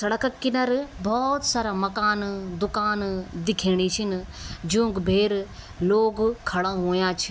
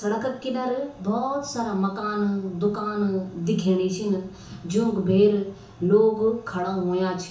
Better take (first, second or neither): first